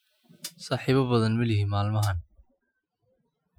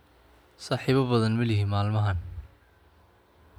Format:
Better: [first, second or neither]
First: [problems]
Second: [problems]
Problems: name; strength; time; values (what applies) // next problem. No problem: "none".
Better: second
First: noise reduction (classical method Wiener filter)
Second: none